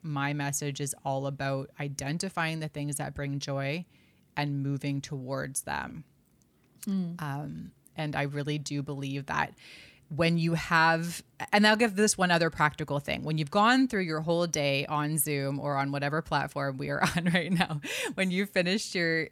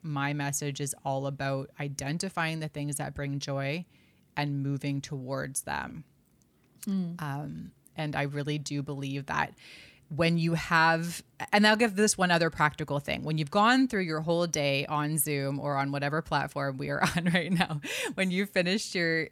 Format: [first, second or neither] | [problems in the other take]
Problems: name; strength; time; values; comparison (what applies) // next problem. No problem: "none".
neither | none